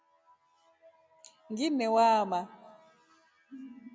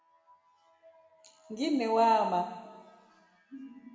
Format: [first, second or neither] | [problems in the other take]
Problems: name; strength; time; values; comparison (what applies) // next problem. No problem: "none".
first | room echo; dies away in 1.5 s